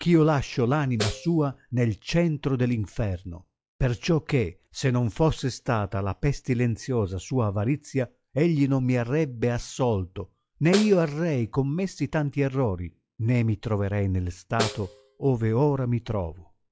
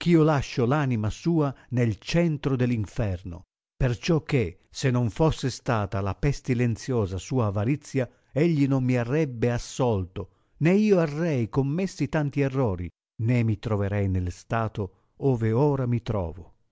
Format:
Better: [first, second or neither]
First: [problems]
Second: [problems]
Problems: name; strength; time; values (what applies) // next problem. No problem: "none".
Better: second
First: noise reduction (classical method log-MMSE)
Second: none